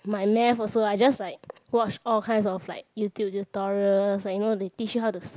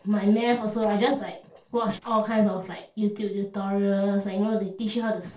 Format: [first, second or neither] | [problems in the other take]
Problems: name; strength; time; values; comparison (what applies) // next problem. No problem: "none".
first | noise reduction (neural separator model SepFormer DNS4)